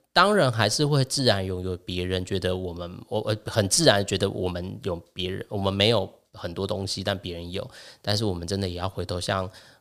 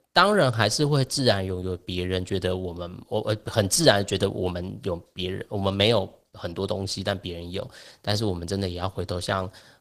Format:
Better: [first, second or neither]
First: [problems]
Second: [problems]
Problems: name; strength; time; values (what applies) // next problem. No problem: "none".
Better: first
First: none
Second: garbled, watery; slightly